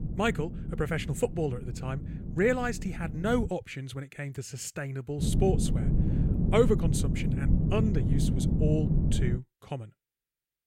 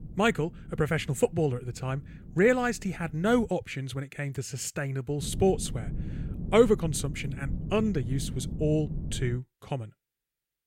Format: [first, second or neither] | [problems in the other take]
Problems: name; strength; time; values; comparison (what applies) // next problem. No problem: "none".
second | wind noise on the microphone; heavy; until 3.5 s and from 5 to 9.5 s; 7 dB below the speech; occasional gusts in the second